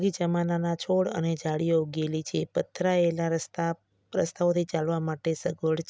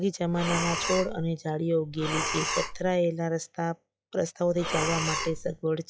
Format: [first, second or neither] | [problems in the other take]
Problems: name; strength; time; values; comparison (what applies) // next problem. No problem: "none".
first | noise reduction (classical method log-MMSE)